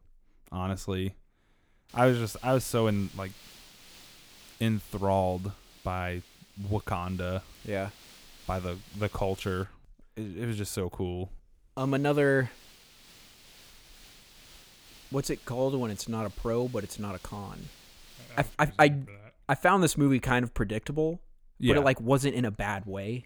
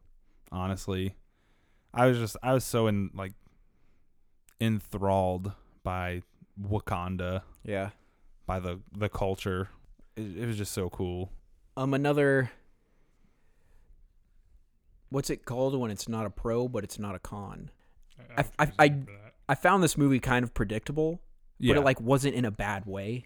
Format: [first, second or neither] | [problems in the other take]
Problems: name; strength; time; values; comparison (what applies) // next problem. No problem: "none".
second | hiss; faint; from 2 to 9.5 s and from 12 to 19 s; 25 dB below the speech